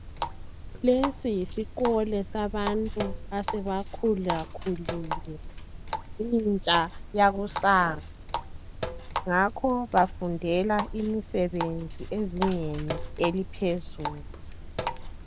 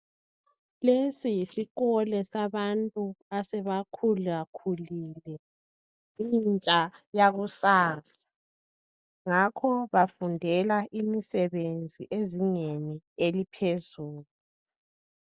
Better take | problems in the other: second | background sound (Sink (filling or washing) + Water tap, faucet); 7 dB below the speech

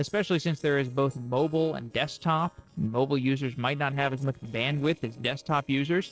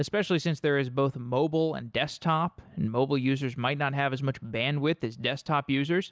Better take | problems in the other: second | noise reduction (neural separator model SepFormer DNS4)

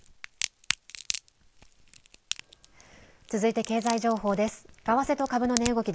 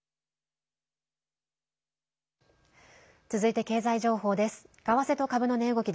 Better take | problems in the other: second | background sound (Crack); 9 dB below the speech

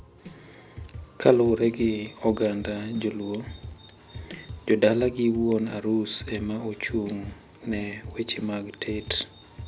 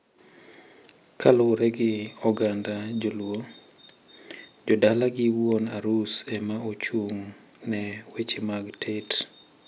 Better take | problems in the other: second | background sound (Drum kit); 16 dB below the speech

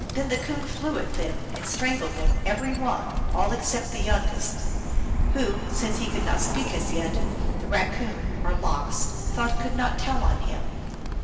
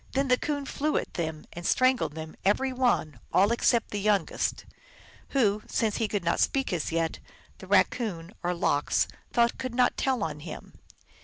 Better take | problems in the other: second | background sound (Bird); 4 dB above the speech // room echo; dies away in 2.3 s

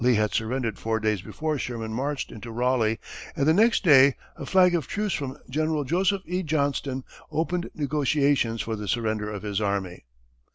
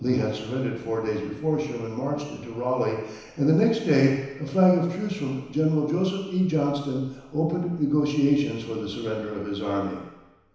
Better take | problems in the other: first | room echo; dies away in 1 s

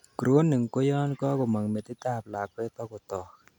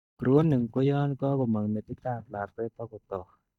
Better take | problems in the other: first | noise reduction (neural mask model DeepFilterNet 3)

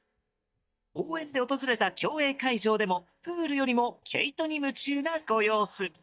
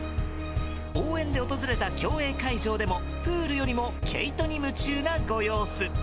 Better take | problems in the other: second | noise reduction (neural mask model DeepFilterNet 3)

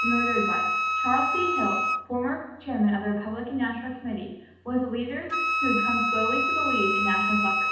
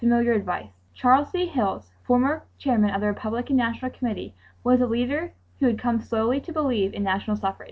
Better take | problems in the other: second | background sound (Wind instrument, woodwind instrument); 1 dB above the speech // room echo; dies away in 0.9 s

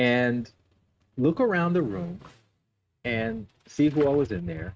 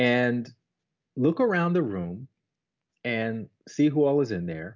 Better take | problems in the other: second | noise reduction (neural mask model RNNoise)

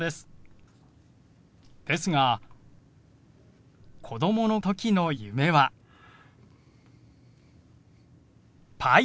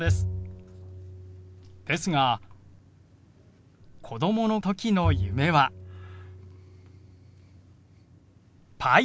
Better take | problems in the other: first | background sound (Bowed string instrument); 6 dB below the speech

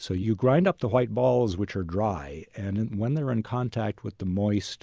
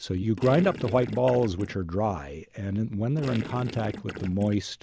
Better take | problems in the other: first | background sound (Gurgling); 11 dB below the speech

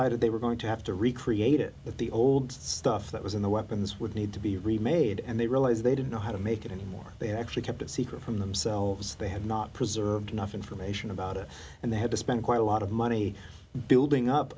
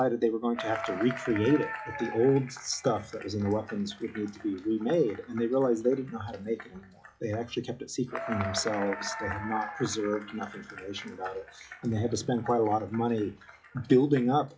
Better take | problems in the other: first | noise reduction (classical method log-MMSE)

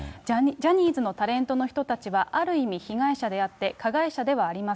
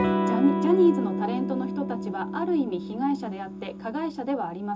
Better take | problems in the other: first | background sound (Electric guitar / Strum); 2 dB below the speech // room echo; dies away in 0.2 s

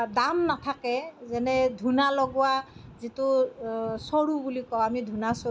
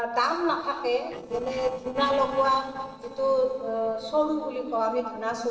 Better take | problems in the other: first | noise reduction (neural separator model SepFormer DNS4)

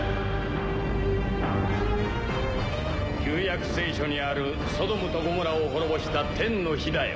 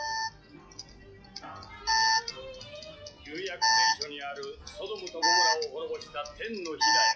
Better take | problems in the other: first | noise reduction (classical method log-MMSE)

